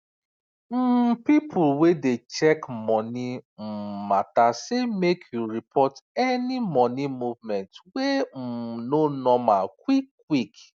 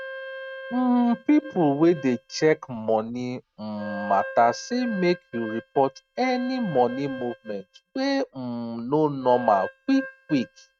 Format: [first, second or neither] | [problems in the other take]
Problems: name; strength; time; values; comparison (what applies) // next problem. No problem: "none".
first | noise reduction (neural mask model RNNoise)